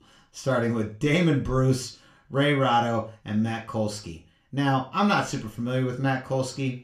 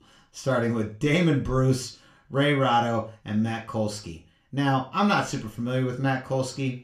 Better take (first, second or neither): neither